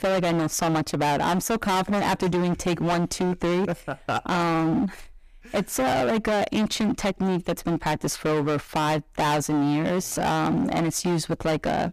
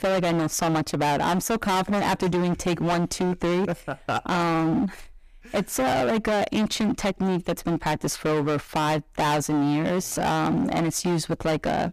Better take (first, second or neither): neither